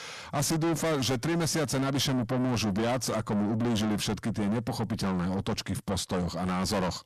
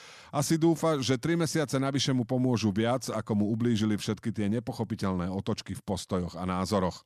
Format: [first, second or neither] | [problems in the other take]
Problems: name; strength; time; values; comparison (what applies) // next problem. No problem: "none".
second | distortion; heavy; 6 dB below the speech